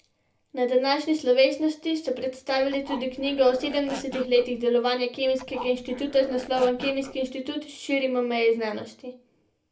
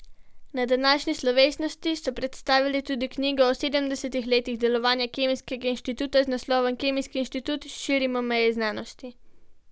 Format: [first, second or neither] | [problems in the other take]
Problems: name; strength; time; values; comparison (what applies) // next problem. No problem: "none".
second | background sound (Zipper (clothing)); 15 dB below the speech // room echo; dies away in 0.3 s